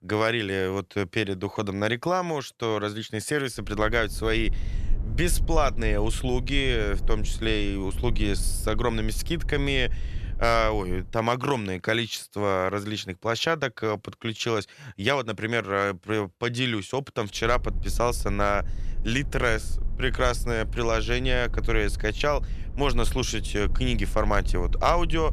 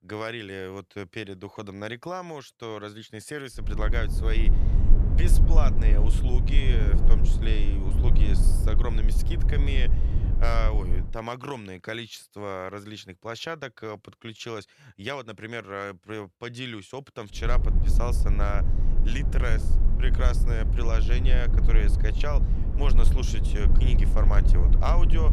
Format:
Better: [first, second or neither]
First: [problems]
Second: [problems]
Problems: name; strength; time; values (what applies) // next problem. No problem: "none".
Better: first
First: low rumble; faint; from 3.5 to 11 s and from 17 s on; 25 dB below the speech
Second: low rumble; loud; from 3.5 to 11 s and from 17 s on; 7 dB below the speech